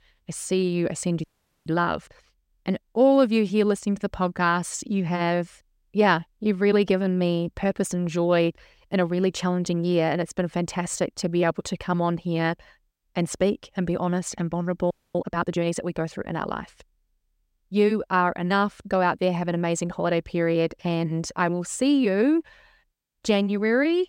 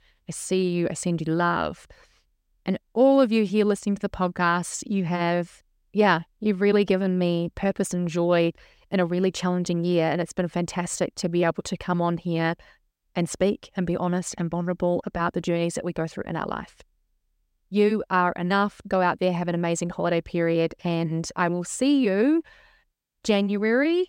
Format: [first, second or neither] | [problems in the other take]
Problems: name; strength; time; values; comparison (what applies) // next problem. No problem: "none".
second | audio freezing; at 1 s and at 15 s